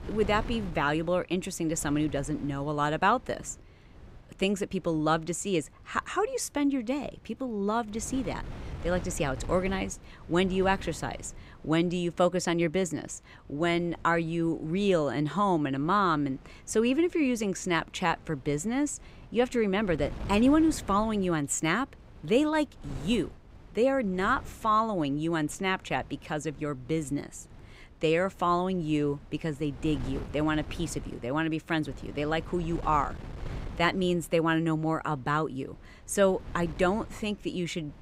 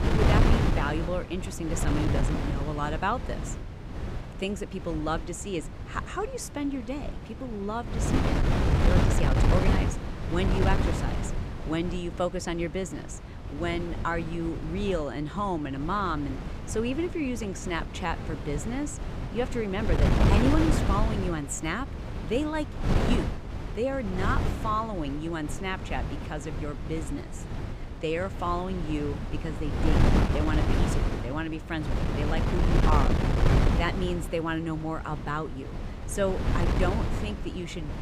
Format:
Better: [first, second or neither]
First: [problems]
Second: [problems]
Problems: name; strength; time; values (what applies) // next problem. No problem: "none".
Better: first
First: wind noise on the microphone; occasional gusts; 20 dB below the speech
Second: wind noise on the microphone; heavy; 3 dB below the speech